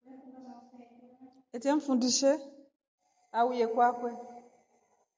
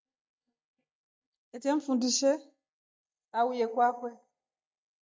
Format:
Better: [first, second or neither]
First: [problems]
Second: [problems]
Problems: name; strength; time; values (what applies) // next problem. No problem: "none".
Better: first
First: none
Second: noise reduction (neural mask model DeepFilterNet 3)